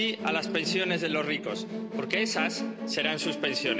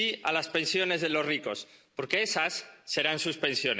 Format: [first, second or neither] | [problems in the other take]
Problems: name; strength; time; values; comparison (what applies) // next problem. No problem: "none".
second | background sound (Musical instrument); 4 dB below the speech